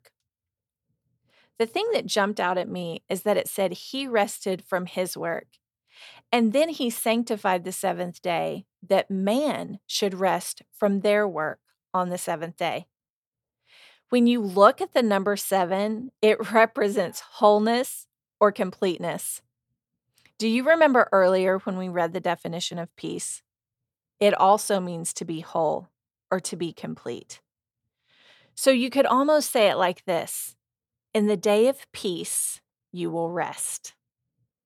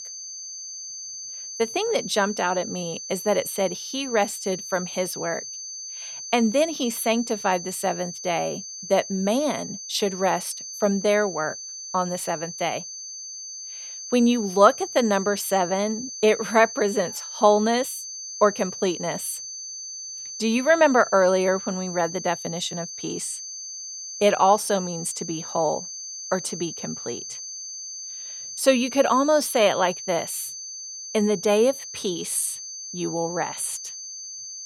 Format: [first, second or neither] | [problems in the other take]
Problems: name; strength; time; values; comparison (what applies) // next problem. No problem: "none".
first | high-pitched whine; loud; throughout; 6 kHz, 9 dB below the speech